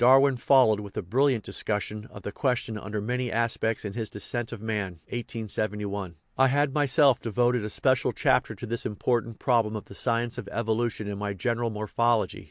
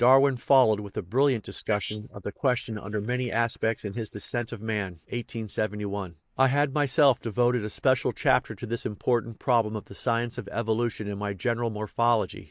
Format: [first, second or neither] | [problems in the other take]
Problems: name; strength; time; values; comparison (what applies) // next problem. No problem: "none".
first | noise reduction (neural mask model Resemble Enhance denoiser)